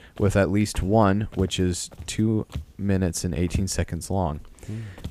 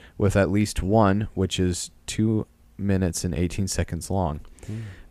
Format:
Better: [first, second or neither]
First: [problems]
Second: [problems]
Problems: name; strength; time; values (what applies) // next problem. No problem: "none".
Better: second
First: footsteps; noticeable; peak 8 dB below the speech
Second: none